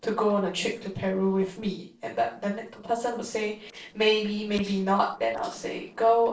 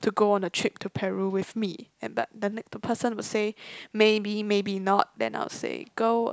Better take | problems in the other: second | noise reduction (neural separator model SepFormer DNS4)

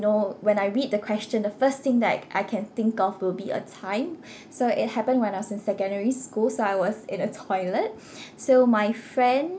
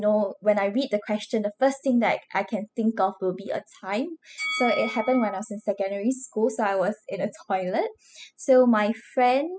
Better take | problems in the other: first | noise reduction (classical method spectral subtraction)

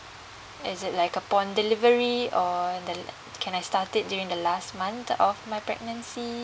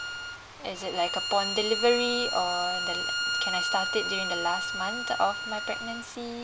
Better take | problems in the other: first | background sound (Bowed string instrument); 2 dB below the speech

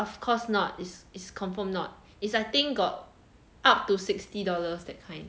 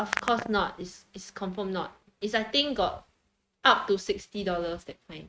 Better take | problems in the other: first | noise reduction (neural mask model RNNoise)

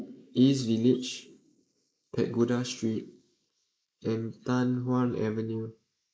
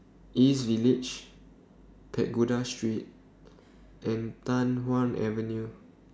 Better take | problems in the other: second | noise reduction (neural mask model Resemble Enhance denoiser)

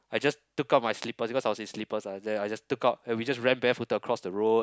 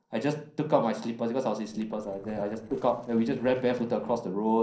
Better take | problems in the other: first | noise reduction (neural separator model SepFormer DNS4)

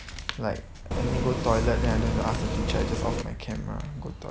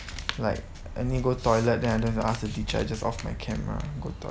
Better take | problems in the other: second | background sound (Bus); 2 dB above the speech

